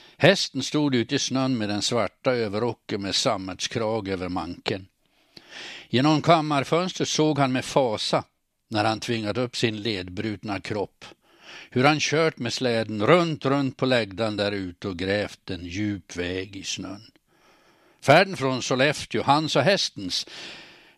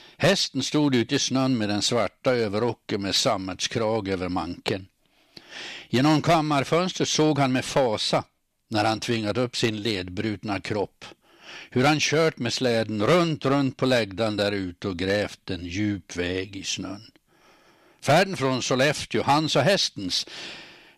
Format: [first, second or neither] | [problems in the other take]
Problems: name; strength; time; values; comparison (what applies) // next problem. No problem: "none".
first | distortion; slight; 3% of the sound clipped